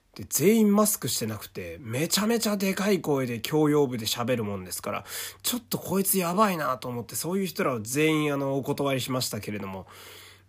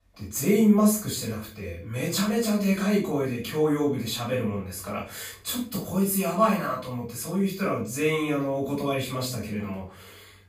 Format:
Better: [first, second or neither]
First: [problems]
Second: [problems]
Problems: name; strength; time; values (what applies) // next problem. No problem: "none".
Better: first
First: none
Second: off-mic speech; far // room echo; noticeable; dies away in 0.4 s